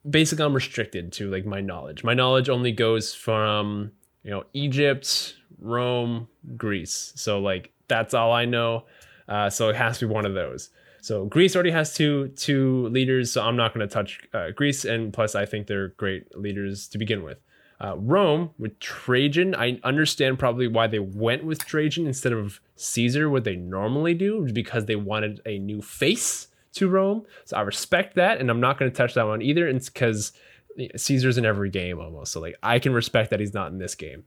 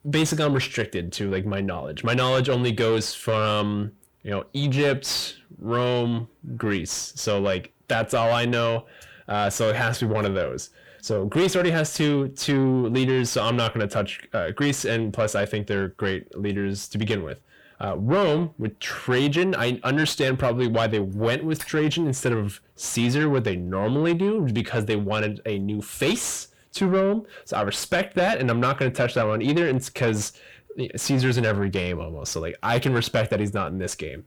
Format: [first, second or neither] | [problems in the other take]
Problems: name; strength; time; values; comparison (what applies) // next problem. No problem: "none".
first | distortion; slight; 10 dB below the speech